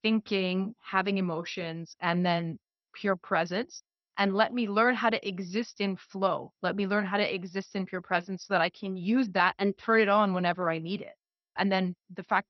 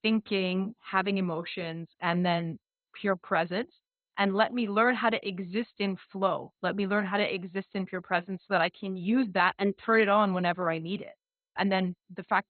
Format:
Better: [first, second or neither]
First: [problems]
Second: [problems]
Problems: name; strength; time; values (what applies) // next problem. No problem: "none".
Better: first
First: garbled, watery; slightly; nothing above 6 kHz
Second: garbled, watery; badly; nothing above 4 kHz